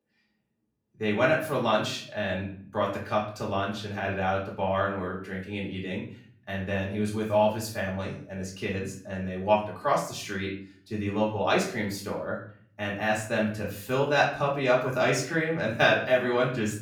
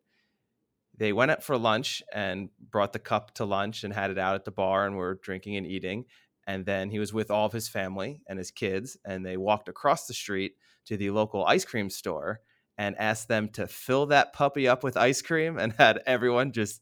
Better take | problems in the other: second | off-mic speech; far // room echo; slight; dies away in 0.4 s

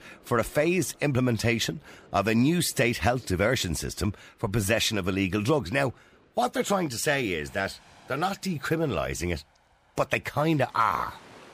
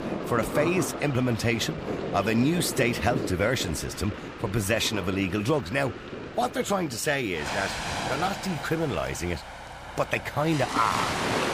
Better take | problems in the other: first | rain or running water; loud; throughout; 6 dB below the speech; faint in the first

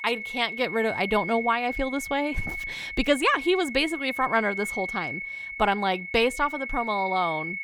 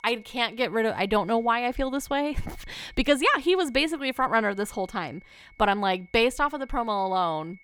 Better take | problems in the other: second | high-pitched whine; loud; throughout; 2 kHz, 7 dB below the speech; faint in the second

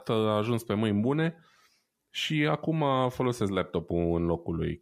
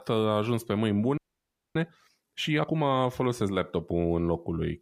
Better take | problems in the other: first | audio freezing; at 1 s for 0.5 s

